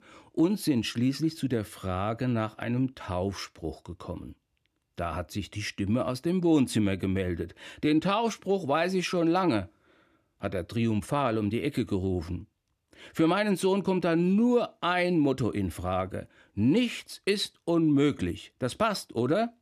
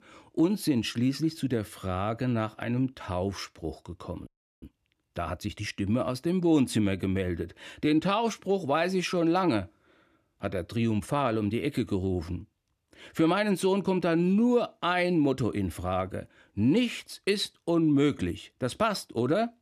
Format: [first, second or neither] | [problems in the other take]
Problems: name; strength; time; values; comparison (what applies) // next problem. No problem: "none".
first | audio freezing; at 4.5 s